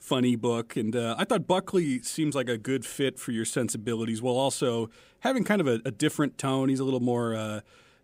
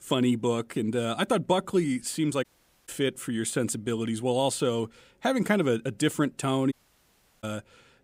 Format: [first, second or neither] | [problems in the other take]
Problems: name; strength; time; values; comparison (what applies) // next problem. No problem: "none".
first | audio cutting out; at 2.5 s and at 6.5 s for 0.5 s